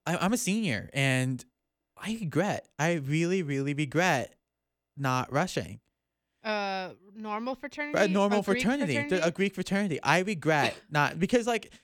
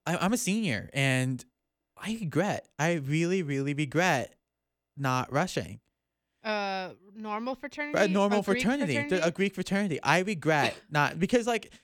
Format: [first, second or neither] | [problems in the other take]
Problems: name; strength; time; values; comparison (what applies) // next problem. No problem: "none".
neither | none